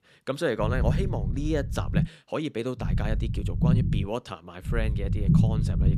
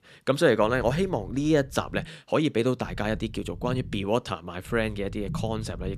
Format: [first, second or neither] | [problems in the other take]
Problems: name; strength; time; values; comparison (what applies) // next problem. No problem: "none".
second | low rumble; loud; from 0.5 to 2 s, from 3 to 4 s and from 4.5 s on; 5 dB below the speech; faint in the second